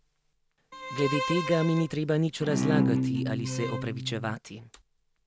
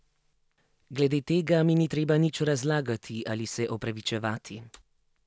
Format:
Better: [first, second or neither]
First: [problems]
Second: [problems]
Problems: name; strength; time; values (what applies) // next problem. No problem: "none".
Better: second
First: background sound (Bowed string instrument); as loud as the speech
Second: none